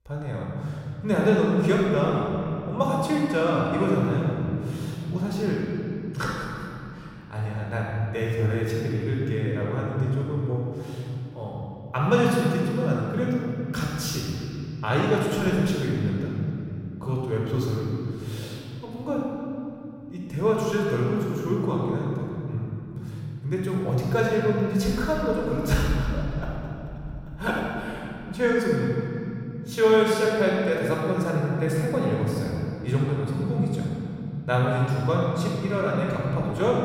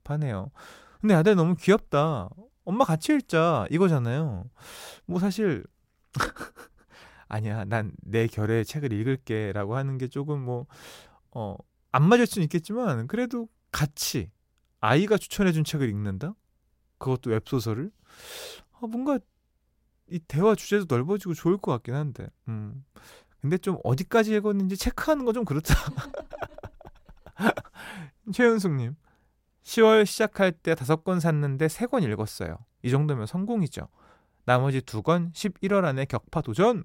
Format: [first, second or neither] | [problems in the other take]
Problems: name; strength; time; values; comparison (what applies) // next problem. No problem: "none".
second | off-mic speech; far // room echo; strong; dies away in 3 s